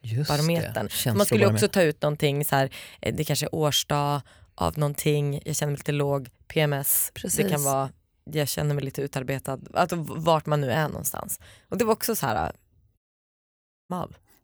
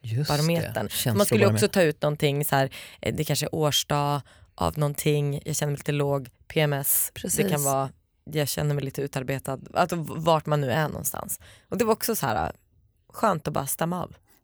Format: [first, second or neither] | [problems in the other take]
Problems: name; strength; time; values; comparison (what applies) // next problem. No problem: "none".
second | audio cutting out; at 13 s for 1 s